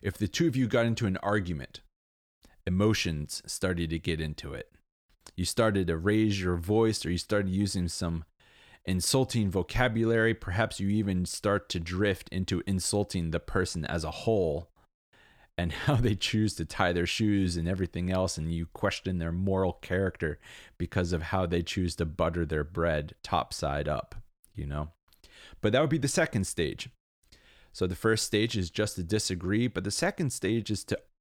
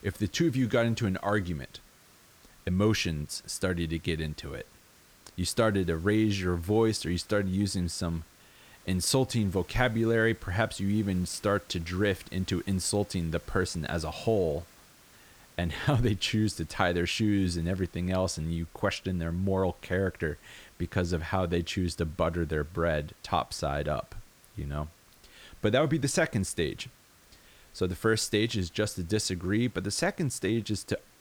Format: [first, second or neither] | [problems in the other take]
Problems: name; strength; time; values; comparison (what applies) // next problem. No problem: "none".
first | hiss; faint; throughout; 25 dB below the speech